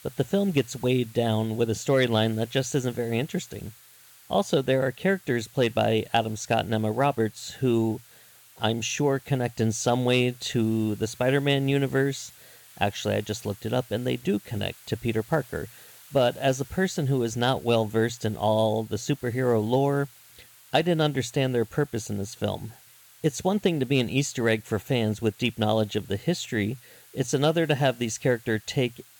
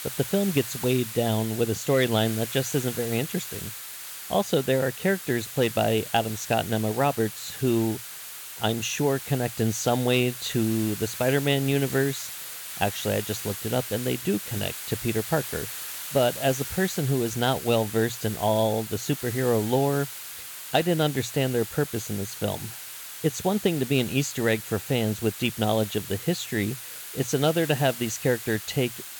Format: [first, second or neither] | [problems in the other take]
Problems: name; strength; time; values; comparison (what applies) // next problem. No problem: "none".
first | hiss; loud; throughout; 9 dB below the speech; faint in the first